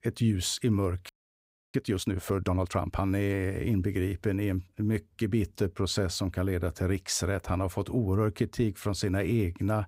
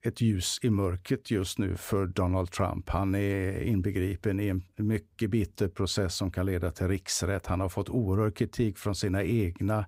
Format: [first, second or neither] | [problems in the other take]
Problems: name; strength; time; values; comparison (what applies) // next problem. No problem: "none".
second | audio freezing; at 1 s for 0.5 s